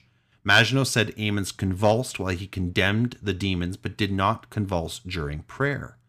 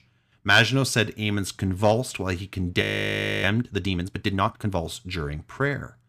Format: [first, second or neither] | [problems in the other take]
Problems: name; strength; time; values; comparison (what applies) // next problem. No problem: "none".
first | audio freezing; at 3 s for 0.5 s